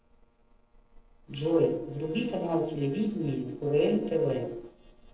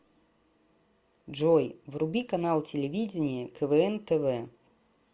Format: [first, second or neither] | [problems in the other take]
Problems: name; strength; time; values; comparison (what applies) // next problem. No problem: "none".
second | noise reduction (neural separator model SepFormer DNS4)